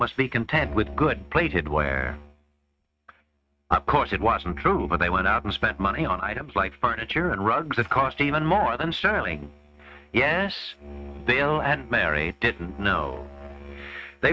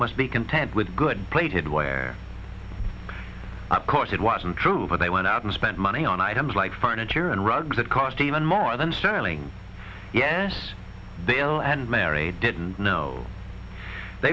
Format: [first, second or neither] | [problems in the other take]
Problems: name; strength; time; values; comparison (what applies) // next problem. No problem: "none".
second | noise reduction (neural mask model RNNoise)